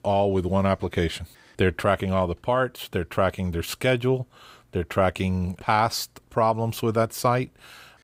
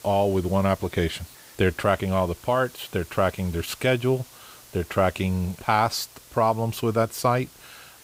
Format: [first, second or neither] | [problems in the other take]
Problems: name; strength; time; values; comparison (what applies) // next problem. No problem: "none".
first | hiss; faint; throughout; 20 dB below the speech